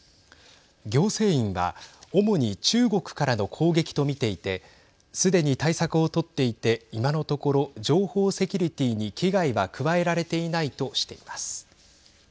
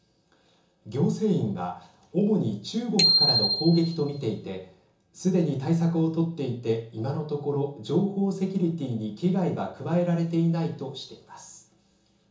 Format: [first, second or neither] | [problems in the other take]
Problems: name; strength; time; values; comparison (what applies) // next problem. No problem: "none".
first | background sound (Bicycle bell); as loud as the speech // room echo; dies away in 0.7 s